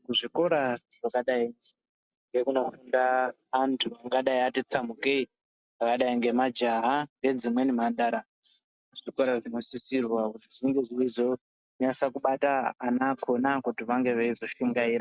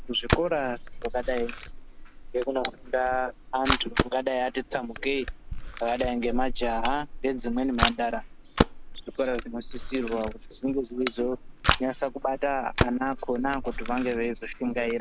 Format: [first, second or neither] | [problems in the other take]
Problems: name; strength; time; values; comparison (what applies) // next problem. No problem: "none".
first | background sound (Camera); 3 dB below the speech